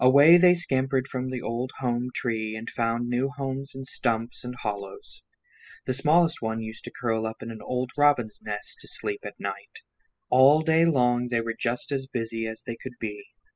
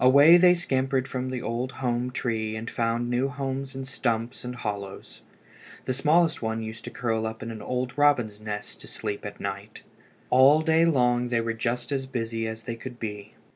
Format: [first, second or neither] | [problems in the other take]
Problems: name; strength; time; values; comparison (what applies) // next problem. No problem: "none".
second | noise reduction (classical method spectral subtraction)